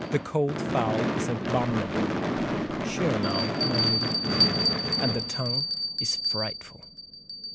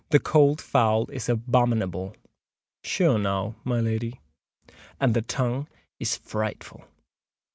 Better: second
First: background sound (Gunshot, gunfire / Fireworks + Bell); 4 dB above the speech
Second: none

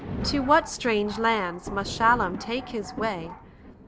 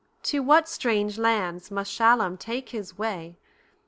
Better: second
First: background sound (Thunder); 10 dB below the speech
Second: none

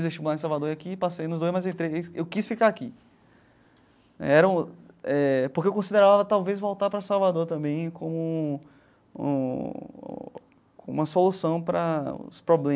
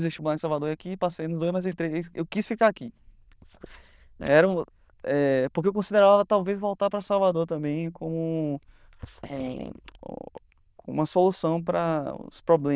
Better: first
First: none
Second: noise reduction (neural diffusion model UNIVERSE++)

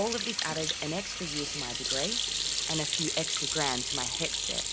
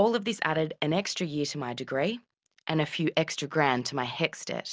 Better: second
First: background sound (Sink (filling or washing) / Hands); 3 dB above the speech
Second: none

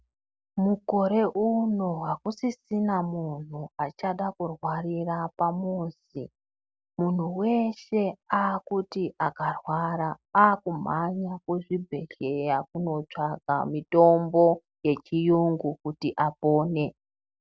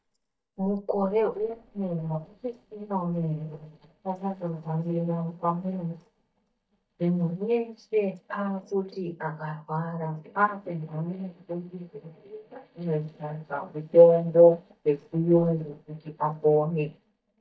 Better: first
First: none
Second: noise reduction (neural mask model DeepFilterNet 3)

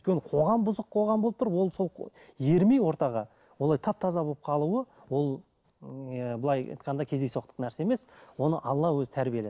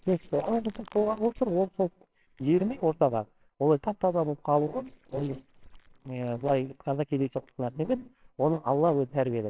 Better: first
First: none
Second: noise reduction (neural separator model SepFormer WHAMR!)

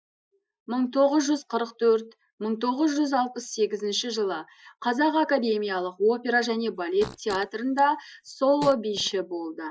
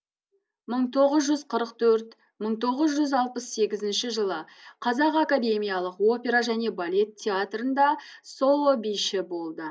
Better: second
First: noise reduction (classical method Wiener filter)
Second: none

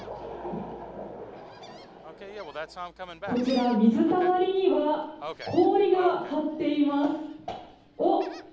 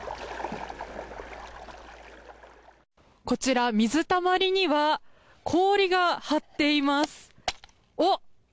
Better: second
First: background sound (Gull, seagull); 17 dB below the speech // room echo; dies away in 0.9 s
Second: none

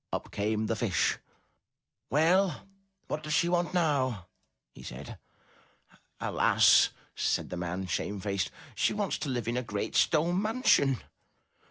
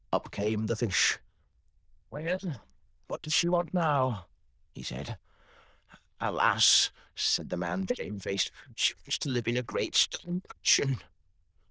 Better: first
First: none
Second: noise reduction (neural diffusion model UNIVERSE++)

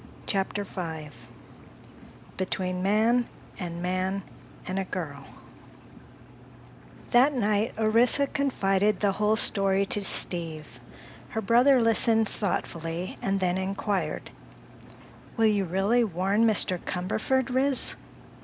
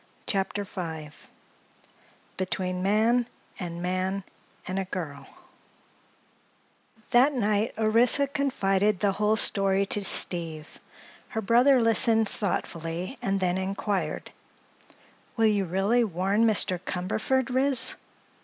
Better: second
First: background sound (Engine); 19 dB below the speech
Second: none

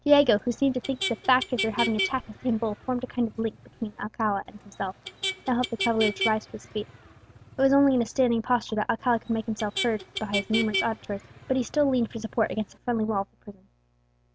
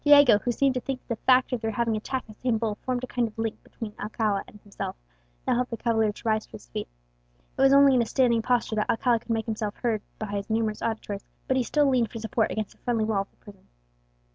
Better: second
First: background sound (Motor vehicle (road)); 9 dB below the speech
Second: none

